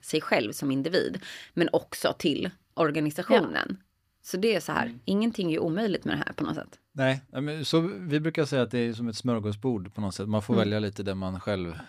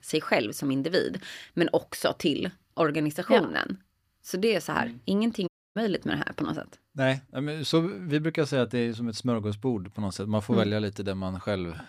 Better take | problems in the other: first | audio cutting out; at 5.5 s

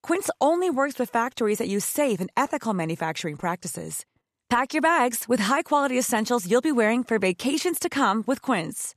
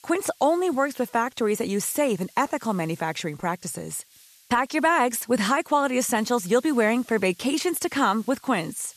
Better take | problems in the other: first | hiss; faint; throughout; 25 dB below the speech

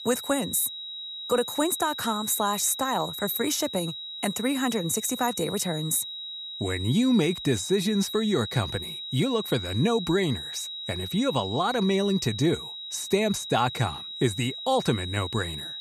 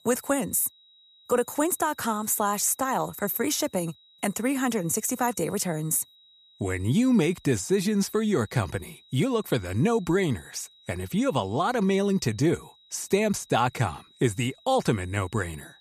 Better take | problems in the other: second | high-pitched whine; loud; throughout; 4 kHz, 8 dB below the speech; faint in the second

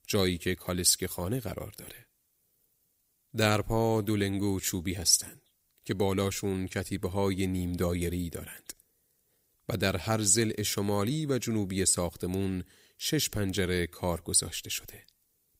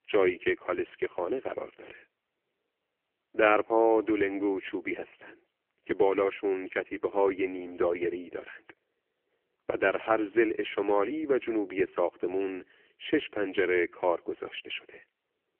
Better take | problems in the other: first | phone-call audio; poor line; nothing above 3 kHz

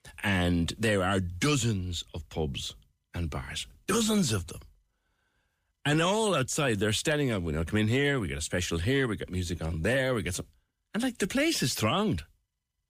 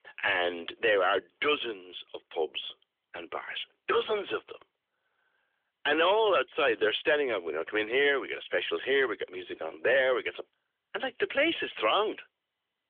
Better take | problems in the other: first | phone-call audio; nothing above 3.5 kHz

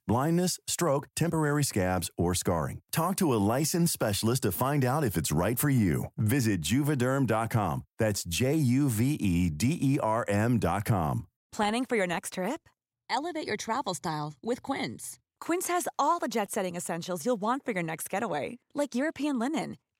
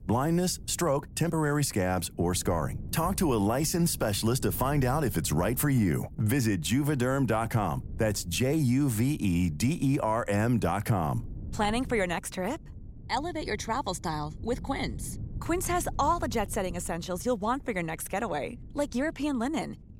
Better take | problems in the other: first | wind noise on the microphone; occasional gusts; 25 dB below the speech

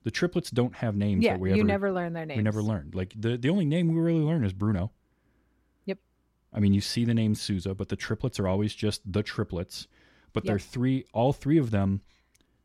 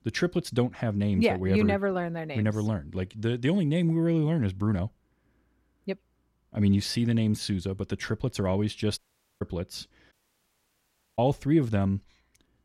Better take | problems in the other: first | audio cutting out; at 9 s and at 10 s for 1 s

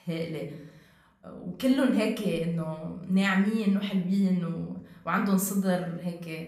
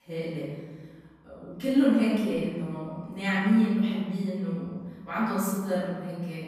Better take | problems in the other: first | room echo; strong; dies away in 1.4 s; slight in the first // off-mic speech; far; somewhat distant in the first

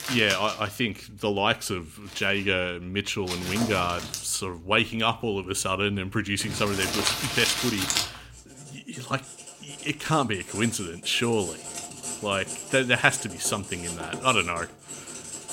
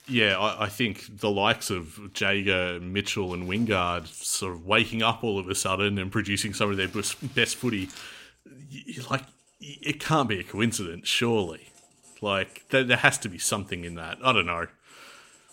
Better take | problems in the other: second | household noises; loud; throughout; 6 dB below the speech; faint in the second

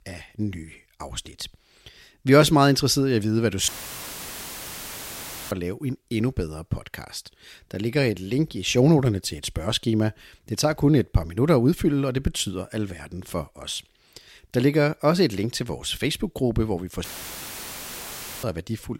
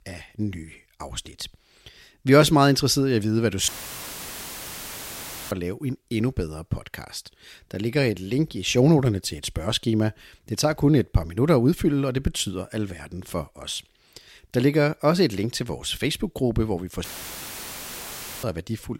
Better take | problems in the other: neither | audio cutting out; filled with static; at 3.5 s for 2 s and at 17 s for 1.5 s; the same in both

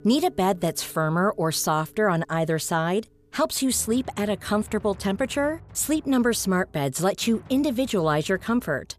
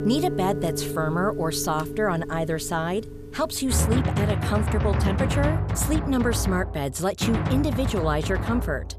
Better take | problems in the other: first | background music; loud; throughout; 1 dB below the speech; faint in the first

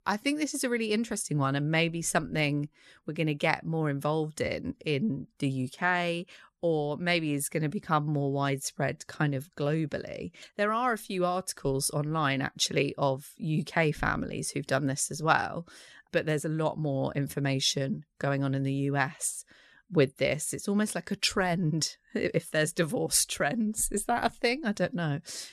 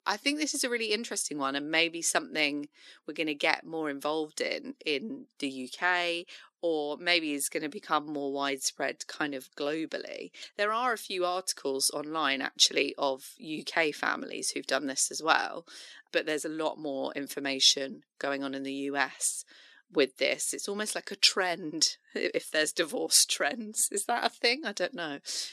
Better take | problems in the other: first | thin; somewhat; fading below 300 Hz

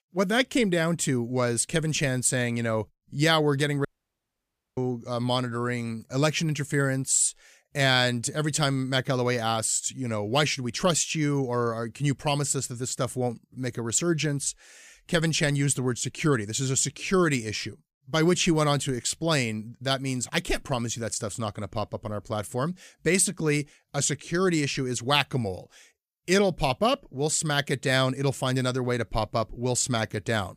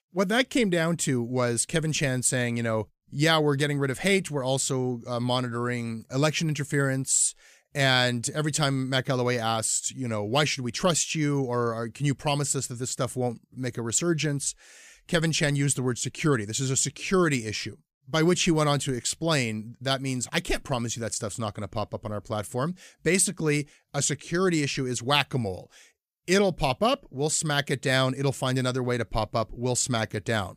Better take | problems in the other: second | audio cutting out; at 4 s for 1 s

